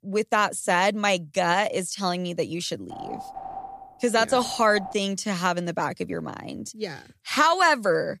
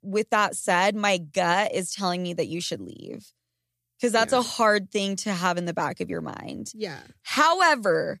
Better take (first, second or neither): second